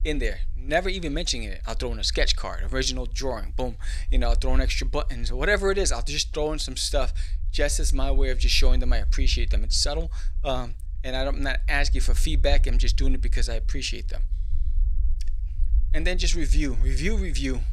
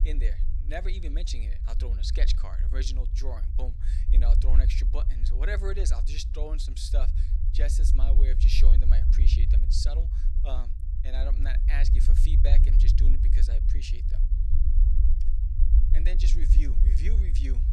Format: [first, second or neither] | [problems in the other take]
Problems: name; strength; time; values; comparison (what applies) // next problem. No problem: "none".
first | low rumble; loud; throughout; 7 dB below the speech; faint in the first